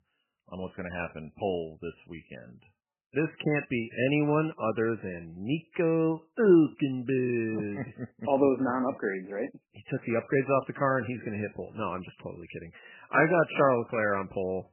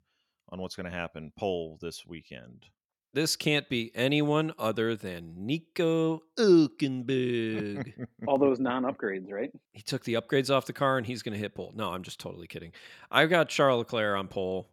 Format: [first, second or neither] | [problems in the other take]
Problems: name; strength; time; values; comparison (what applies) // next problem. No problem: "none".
second | garbled, watery; badly; nothing above 3 kHz